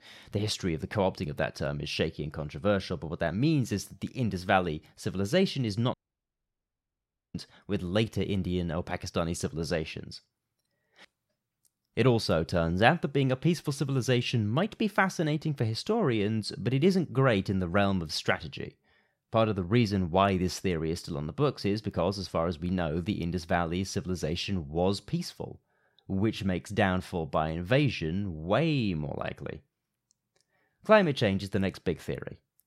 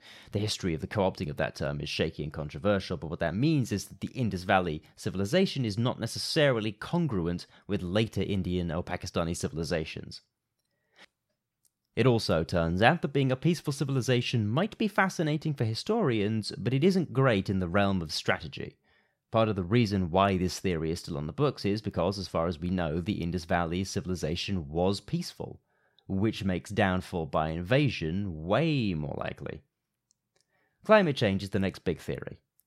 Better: second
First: audio cutting out; at 6 s for 1.5 s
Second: none

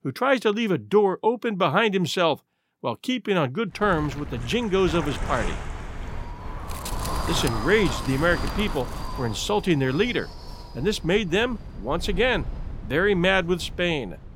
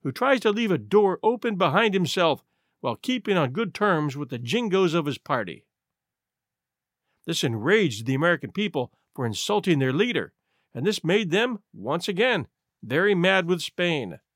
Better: second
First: wind noise on the microphone; occasional gusts; from 4 s on; 10 dB below the speech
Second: none

